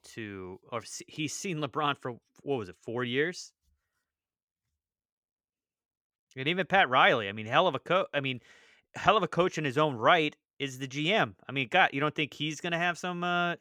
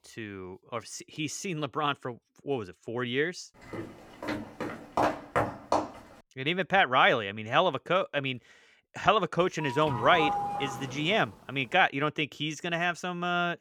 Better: first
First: none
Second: footsteps; noticeable; from 3.5 to 6 s; peak level with the speech // doorbell; noticeable; from 9.5 to 11 s; peak 2 dB below the speech

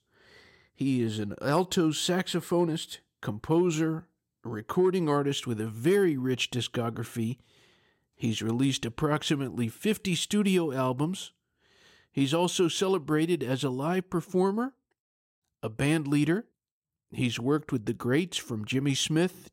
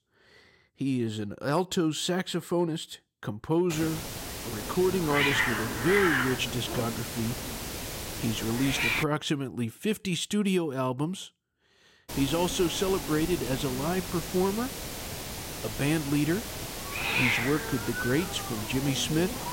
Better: first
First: none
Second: hiss; loud; from 3.5 to 9 s and from 12 s on; 2 dB below the speech

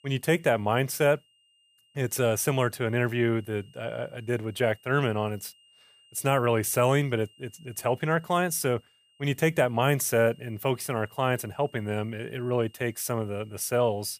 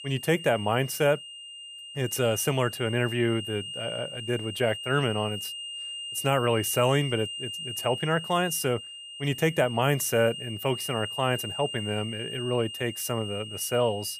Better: first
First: high-pitched whine; faint; throughout; 3 kHz, 30 dB below the speech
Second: high-pitched whine; loud; throughout; 3 kHz, 8 dB below the speech

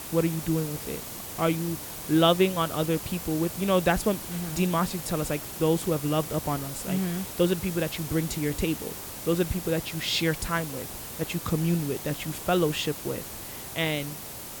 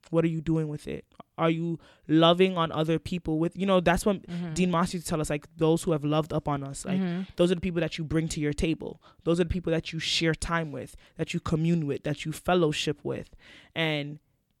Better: second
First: hiss; loud; throughout; 8 dB below the speech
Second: none

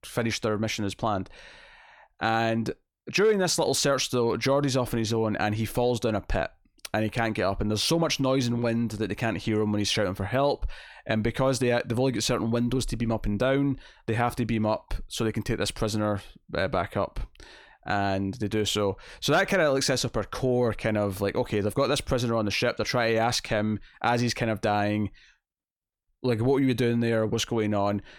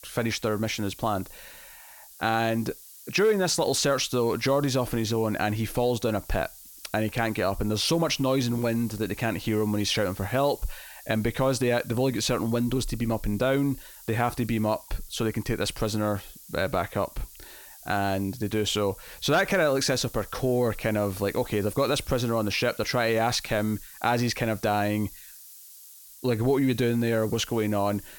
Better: first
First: none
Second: hiss; noticeable; throughout; 20 dB below the speech

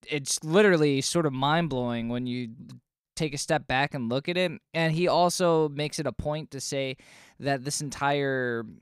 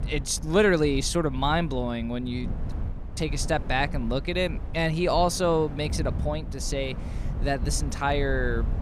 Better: first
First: none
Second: wind noise on the microphone; occasional gusts; 20 dB below the speech

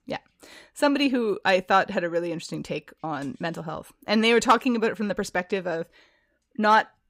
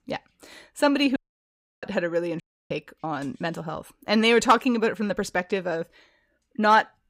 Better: first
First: none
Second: audio cutting out; at 1 s for 0.5 s and at 2.5 s

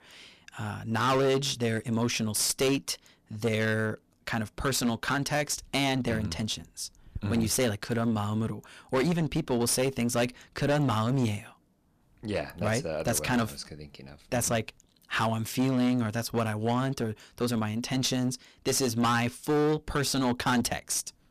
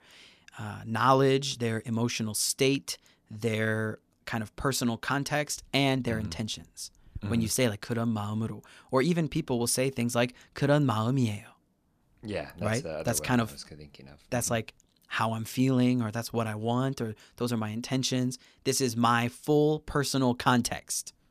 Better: second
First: distortion; heavy; 12% of the sound clipped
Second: none

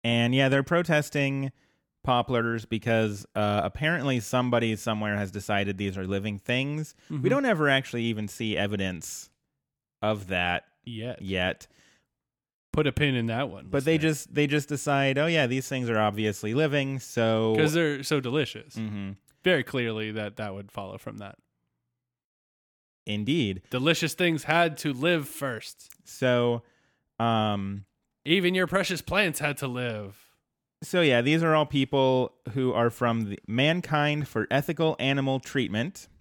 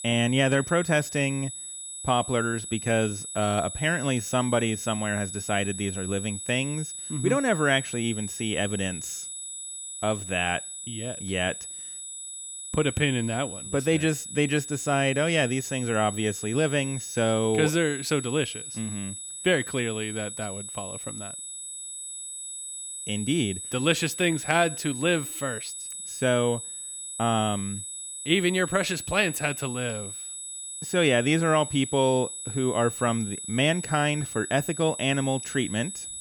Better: first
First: none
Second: high-pitched whine; loud; throughout; 8 kHz, 8 dB below the speech

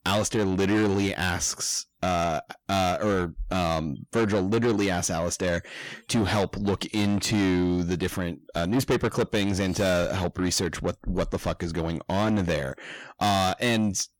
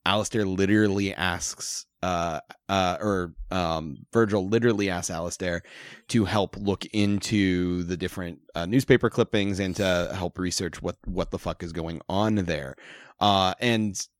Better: second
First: distortion; heavy; 7 dB below the speech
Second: none

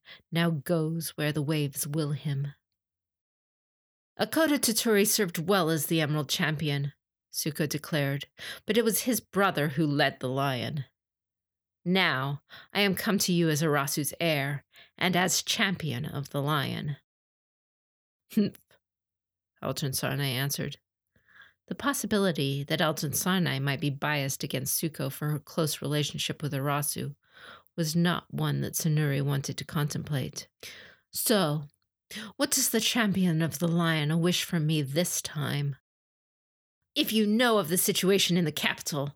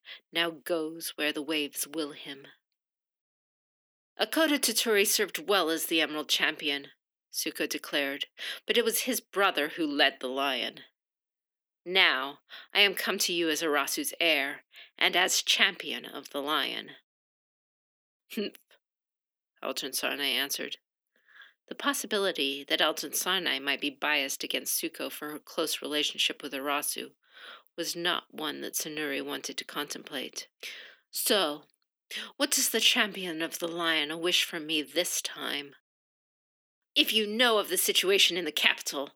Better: first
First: none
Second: thin; somewhat; fading below 250 Hz

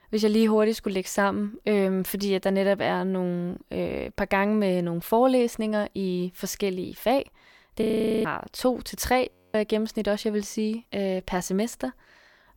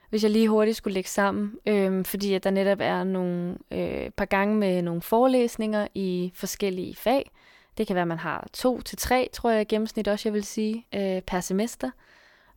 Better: second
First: audio freezing; at 8 s and at 9.5 s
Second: none

